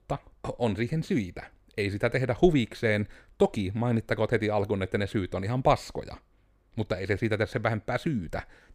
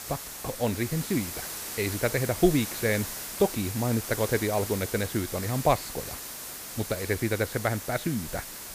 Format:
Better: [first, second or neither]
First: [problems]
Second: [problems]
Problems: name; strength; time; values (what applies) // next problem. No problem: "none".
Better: first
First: none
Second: hiss; loud; throughout; 6 dB below the speech